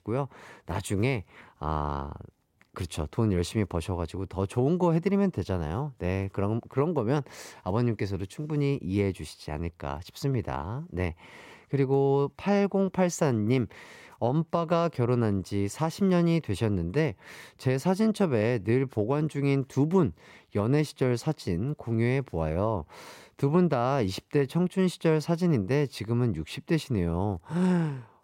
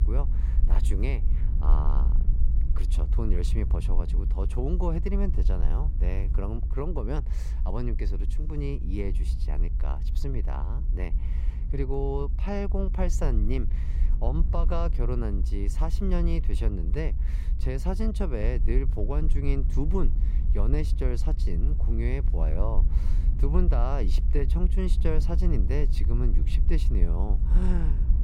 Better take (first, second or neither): first